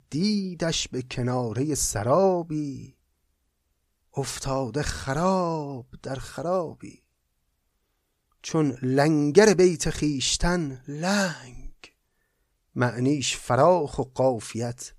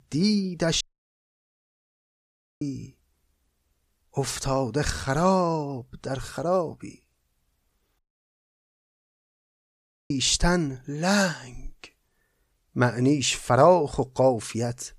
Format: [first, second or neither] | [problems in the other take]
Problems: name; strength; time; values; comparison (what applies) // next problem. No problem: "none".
first | audio cutting out; at 1 s for 2 s and at 8 s for 2 s